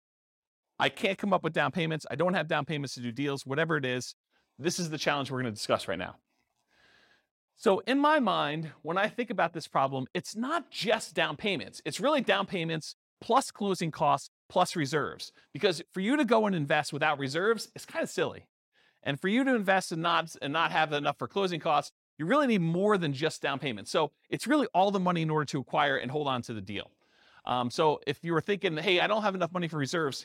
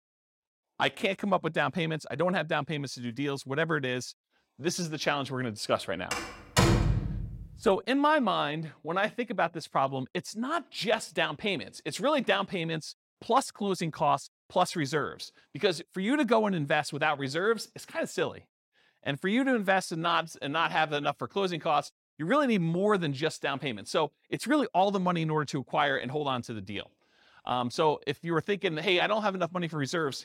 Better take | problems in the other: first | door banging; loud; from 6 to 7.5 s; peak 6 dB above the speech

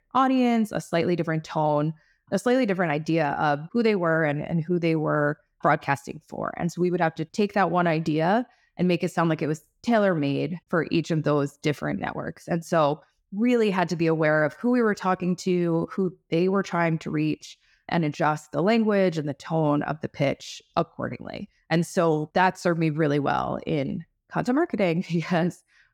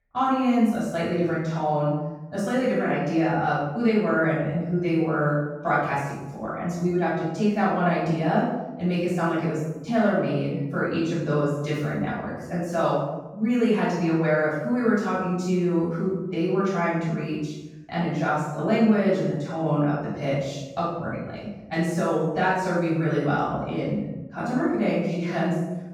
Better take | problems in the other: first | room echo; strong; dies away in 0.9 s // off-mic speech; far

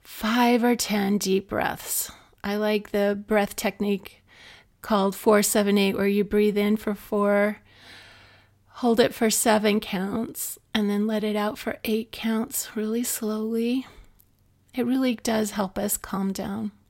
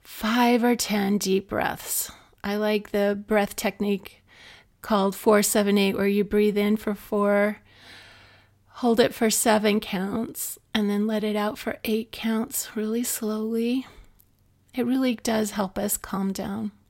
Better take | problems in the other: neither | none

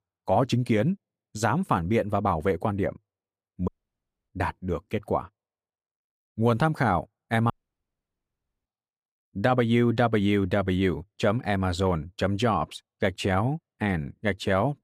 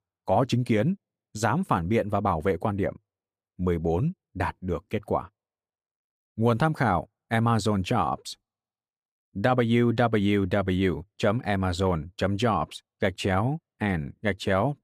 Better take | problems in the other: second | audio cutting out; at 3.5 s for 0.5 s and at 7.5 s for 1 s

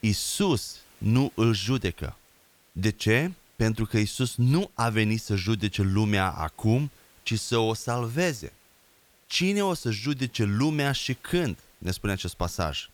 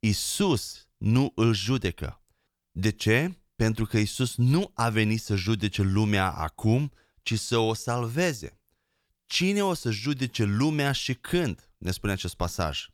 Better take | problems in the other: second | hiss; faint; throughout; 30 dB below the speech

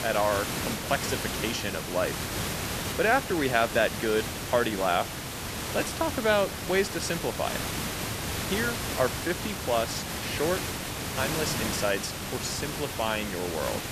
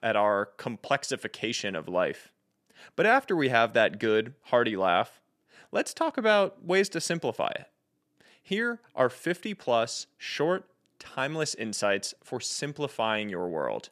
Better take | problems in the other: second | hiss; loud; throughout; 3 dB below the speech

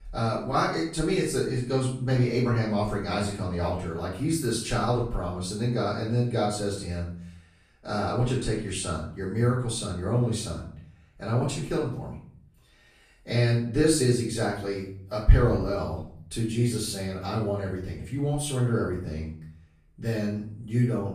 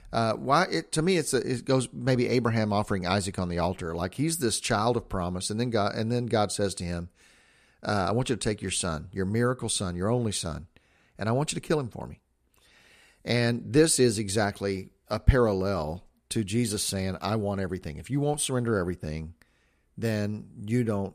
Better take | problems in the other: second | room echo; noticeable; dies away in 0.5 s // off-mic speech; far

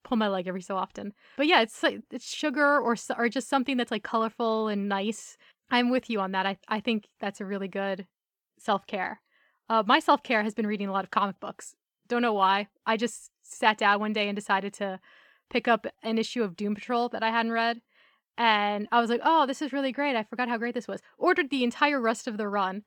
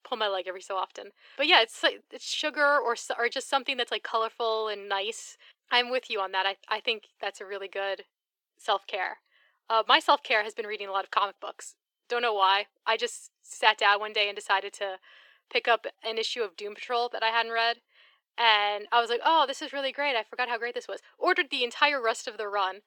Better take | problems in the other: first | thin; very; fading below 350 Hz

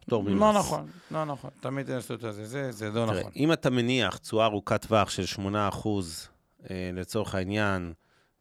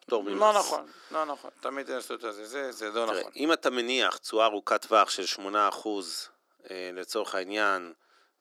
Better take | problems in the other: first | thin; somewhat; fading below 300 Hz

